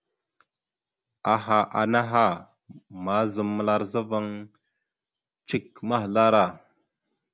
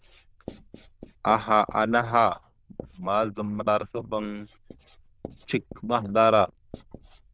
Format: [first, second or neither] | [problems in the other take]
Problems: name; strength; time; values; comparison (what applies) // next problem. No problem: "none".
first | noise reduction (neural diffusion model UNIVERSE++)